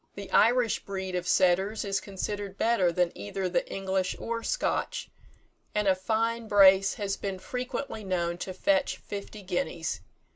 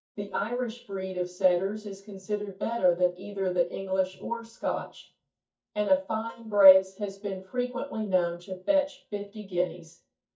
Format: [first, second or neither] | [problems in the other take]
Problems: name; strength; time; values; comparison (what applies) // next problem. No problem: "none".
first | noise reduction (neural mask model DeepFilterNet 3)